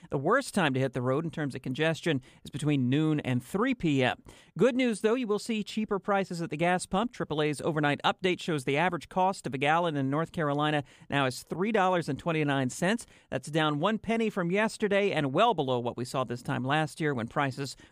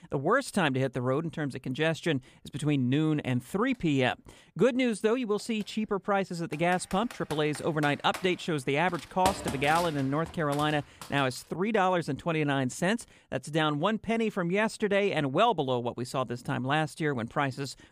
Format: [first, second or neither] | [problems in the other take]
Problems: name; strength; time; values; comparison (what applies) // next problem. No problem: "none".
first | keyboard typing; noticeable; from 6.5 to 11 s; peak 4 dB below the speech